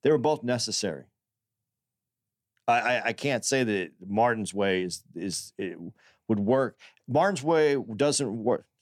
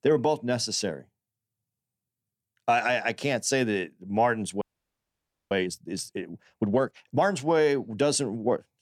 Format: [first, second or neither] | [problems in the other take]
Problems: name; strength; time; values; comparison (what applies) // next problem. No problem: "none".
first | audio freezing; at 4.5 s for 1 s